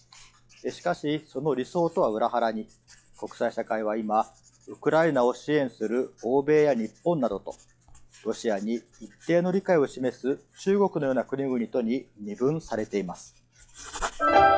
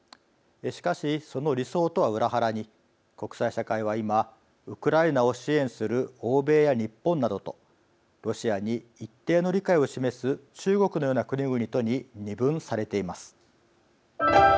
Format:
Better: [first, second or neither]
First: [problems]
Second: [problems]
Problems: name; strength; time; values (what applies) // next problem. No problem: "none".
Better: second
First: noise reduction (classical method log-MMSE)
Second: none